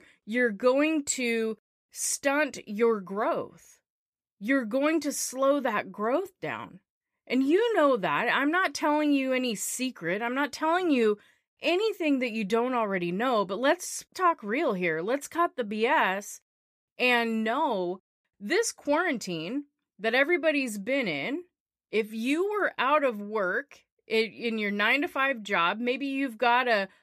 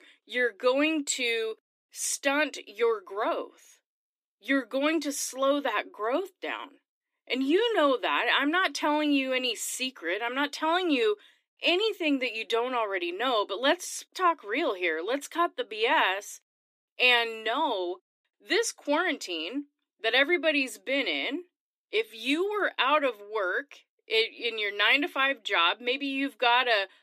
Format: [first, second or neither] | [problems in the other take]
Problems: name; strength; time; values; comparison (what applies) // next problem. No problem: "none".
first | thin; very slightly; fading below 250 Hz